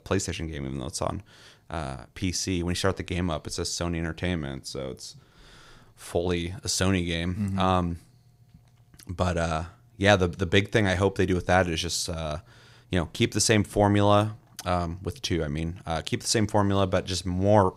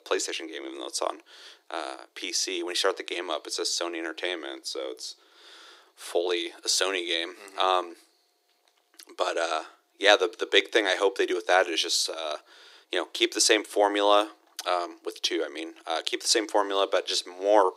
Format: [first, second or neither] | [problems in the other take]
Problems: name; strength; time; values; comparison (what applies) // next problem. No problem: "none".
first | thin; very; fading below 350 Hz